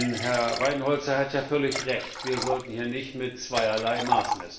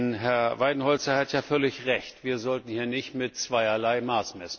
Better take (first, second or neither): second